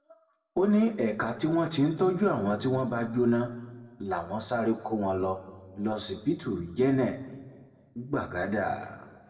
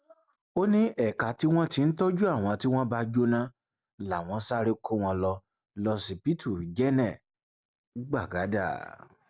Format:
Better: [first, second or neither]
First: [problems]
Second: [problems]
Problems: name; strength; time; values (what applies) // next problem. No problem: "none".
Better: second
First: room echo; dies away in 1.4 s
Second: none